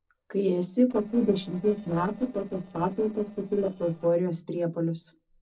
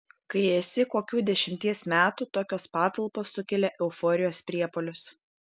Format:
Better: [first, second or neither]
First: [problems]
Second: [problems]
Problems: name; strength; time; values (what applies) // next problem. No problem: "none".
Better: second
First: noise reduction (neural separator model SepFormer DNS4)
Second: none